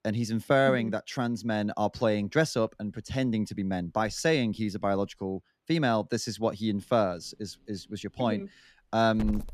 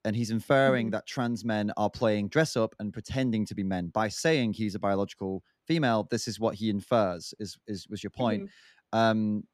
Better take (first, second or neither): second